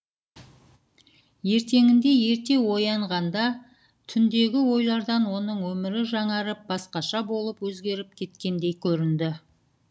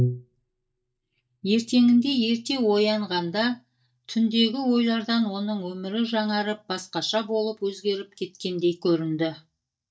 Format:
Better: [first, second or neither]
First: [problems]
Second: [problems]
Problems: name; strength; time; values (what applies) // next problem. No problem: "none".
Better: first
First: none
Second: noise reduction (neural mask model DeepFilterNet 3)